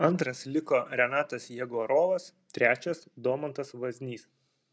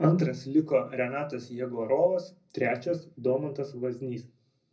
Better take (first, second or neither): first